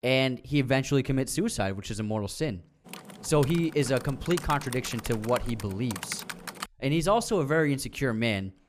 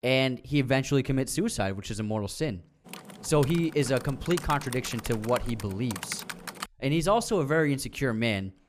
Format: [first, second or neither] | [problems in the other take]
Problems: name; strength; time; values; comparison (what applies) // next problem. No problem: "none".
neither | keyboard typing; noticeable; from 3 to 6.5 s; peak 9 dB below the speech; the same in both